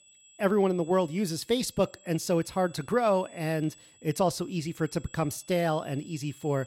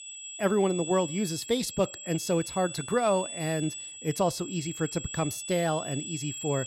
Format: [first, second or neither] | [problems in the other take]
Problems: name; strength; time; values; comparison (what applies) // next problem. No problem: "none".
first | high-pitched whine; loud; throughout; 7.5 kHz, 8 dB below the speech; faint in the first